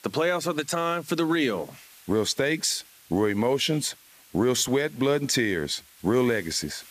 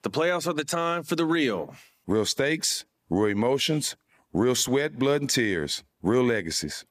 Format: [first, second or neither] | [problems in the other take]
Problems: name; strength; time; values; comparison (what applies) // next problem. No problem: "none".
second | hiss; faint; throughout; 25 dB below the speech